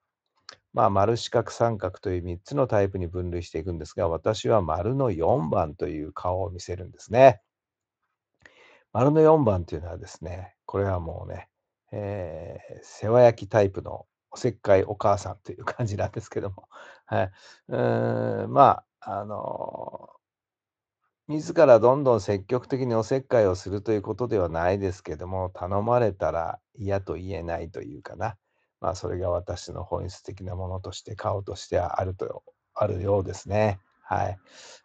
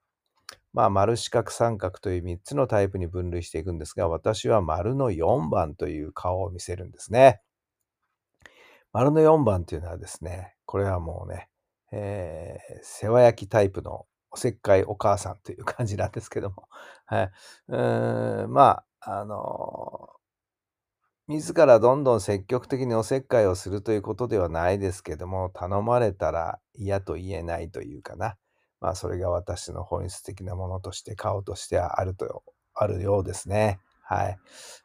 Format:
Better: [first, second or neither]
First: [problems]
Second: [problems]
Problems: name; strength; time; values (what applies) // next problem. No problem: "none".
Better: second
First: garbled, watery; slightly; nothing above 7.5 kHz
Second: none